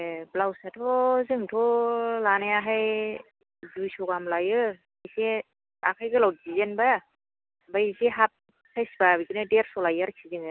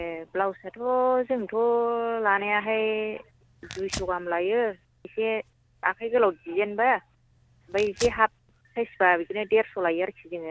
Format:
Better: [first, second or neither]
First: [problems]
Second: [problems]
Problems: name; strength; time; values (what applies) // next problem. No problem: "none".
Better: first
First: none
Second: background sound (Tearing); 20 dB below the speech